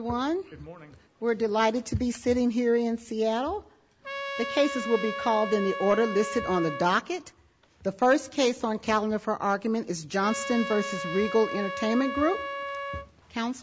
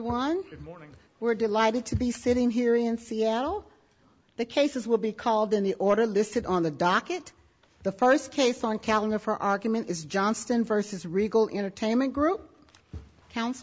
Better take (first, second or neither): second